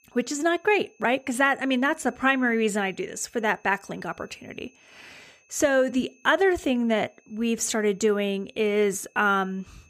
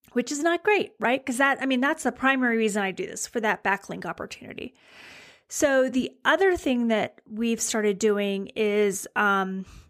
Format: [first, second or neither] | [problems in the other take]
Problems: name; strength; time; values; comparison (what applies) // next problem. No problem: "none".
second | high-pitched whine; faint; throughout; 2.5 kHz, 35 dB below the speech